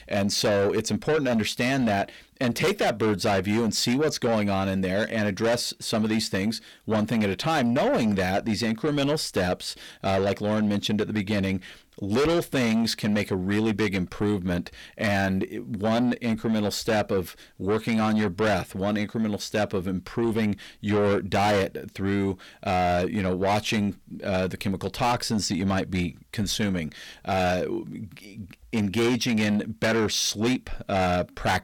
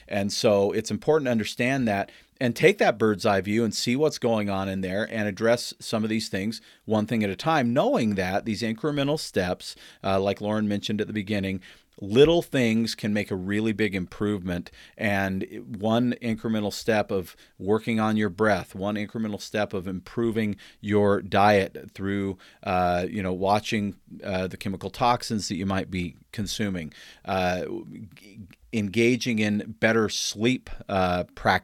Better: second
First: distortion; heavy; 7 dB below the speech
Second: none

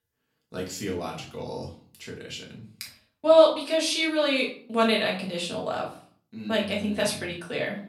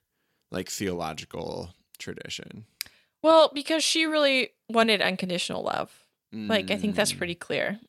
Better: second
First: off-mic speech; far // room echo; slight; dies away in 0.4 s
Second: none

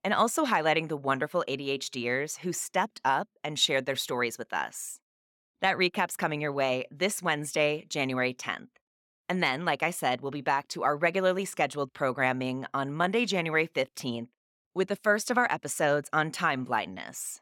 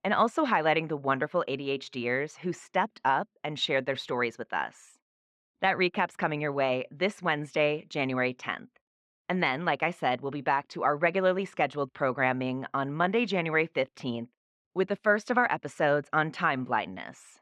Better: first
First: none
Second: muffled; slightly; fading above 3 kHz

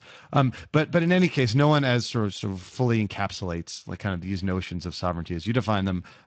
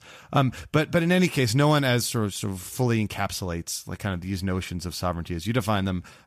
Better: second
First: garbled, watery; slightly; nothing above 8 kHz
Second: none

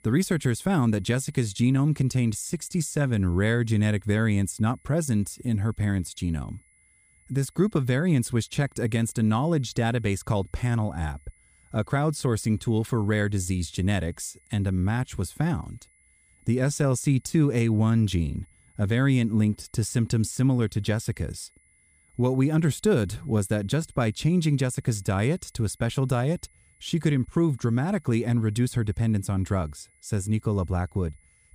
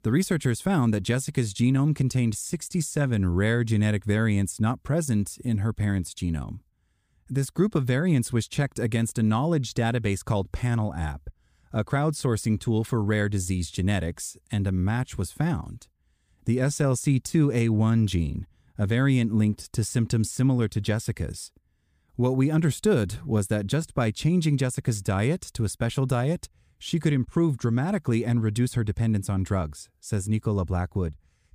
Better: second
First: high-pitched whine; faint; throughout; 2 kHz, 35 dB below the speech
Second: none

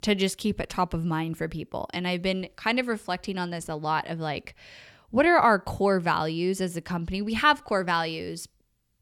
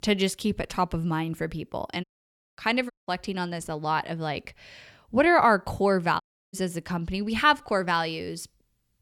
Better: first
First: none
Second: audio cutting out; at 2 s for 0.5 s, at 3 s and at 6 s

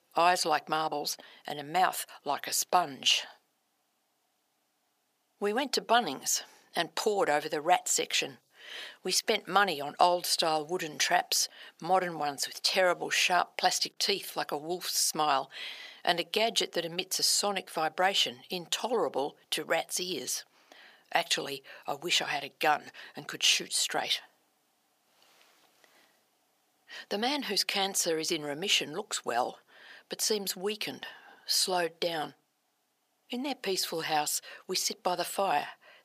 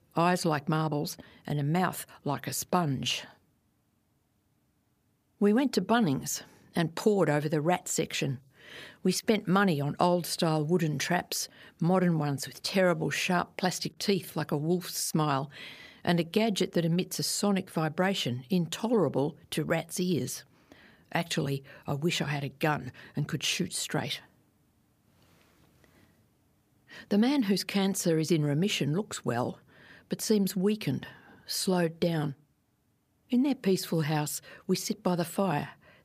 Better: second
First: thin; very; fading below 500 Hz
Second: none

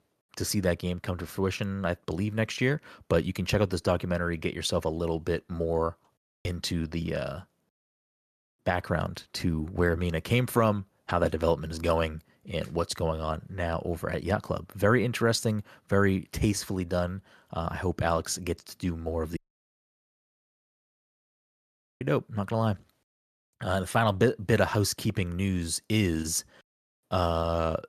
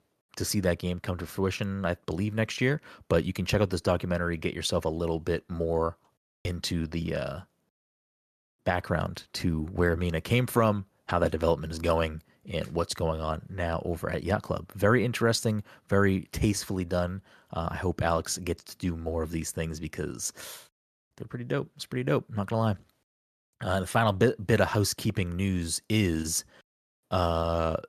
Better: second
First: audio cutting out; at 19 s for 2.5 s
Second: none

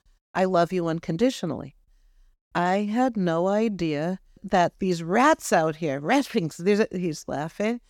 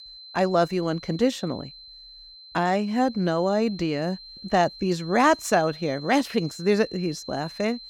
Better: first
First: none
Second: high-pitched whine; noticeable; throughout; 4 kHz, 15 dB below the speech

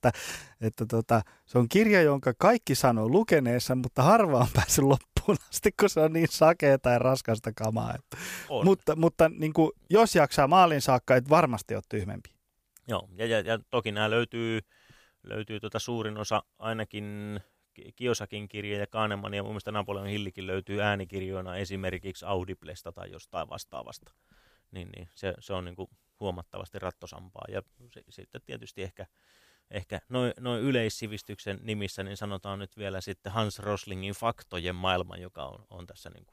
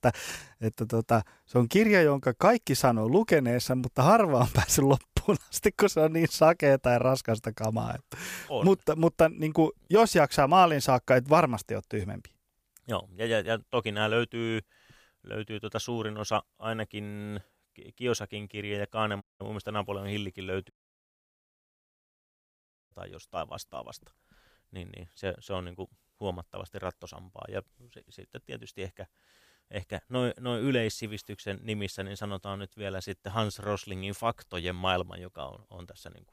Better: first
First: none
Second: audio cutting out; at 19 s and at 21 s for 2 s

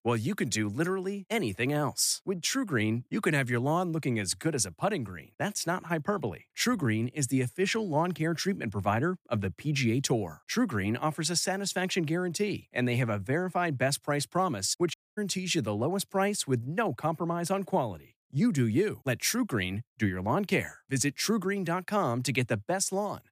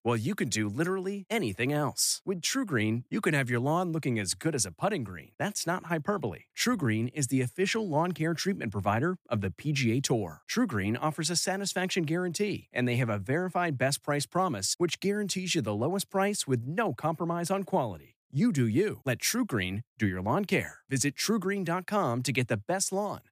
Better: second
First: audio cutting out; at 15 s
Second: none

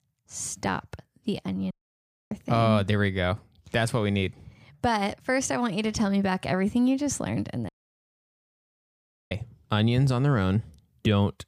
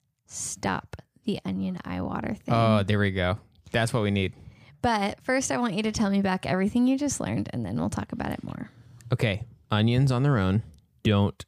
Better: second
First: audio cutting out; at 1.5 s for 0.5 s and at 7.5 s for 1.5 s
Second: none

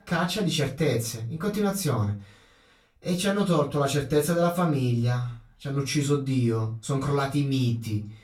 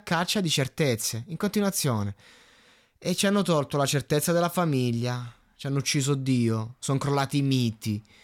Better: second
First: off-mic speech; far // room echo; very slight; dies away in 0.3 s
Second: none

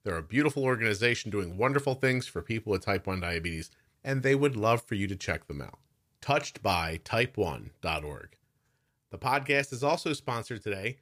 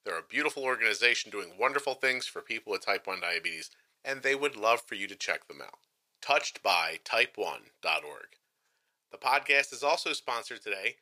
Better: first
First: none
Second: thin; very; fading below 600 Hz

